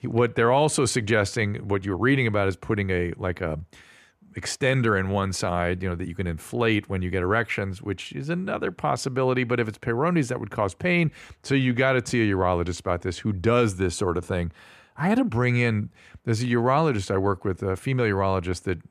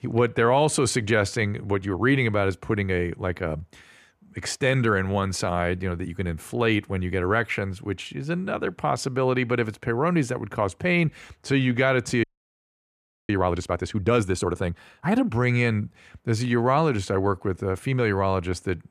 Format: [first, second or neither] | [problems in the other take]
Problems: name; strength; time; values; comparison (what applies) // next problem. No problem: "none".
first | audio freezing; at 12 s for 1 s